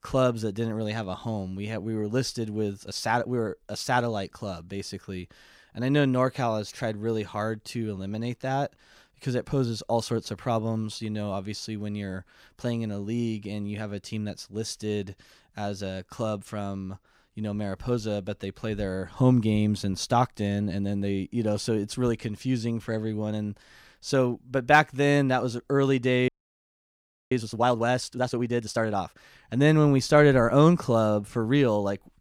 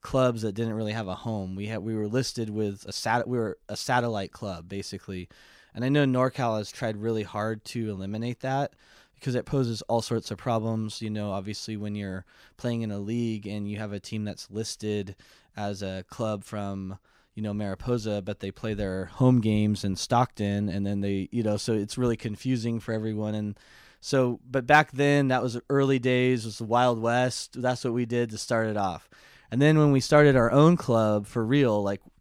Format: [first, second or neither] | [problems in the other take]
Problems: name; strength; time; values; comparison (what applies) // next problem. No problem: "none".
second | audio freezing; at 26 s for 1 s